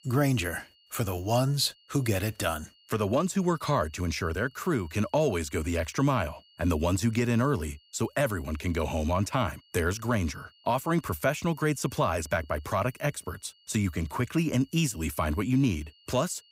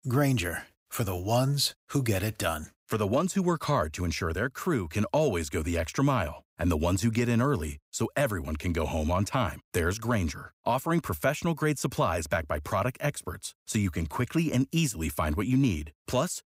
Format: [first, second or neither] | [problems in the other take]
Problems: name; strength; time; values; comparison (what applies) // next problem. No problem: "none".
second | high-pitched whine; faint; throughout; 3 kHz, 30 dB below the speech